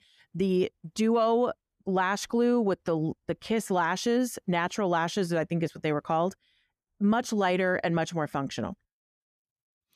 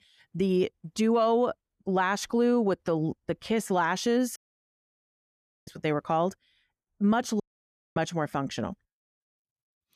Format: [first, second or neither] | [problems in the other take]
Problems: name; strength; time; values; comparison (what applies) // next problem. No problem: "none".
first | audio cutting out; at 4.5 s for 1.5 s and at 7.5 s for 0.5 s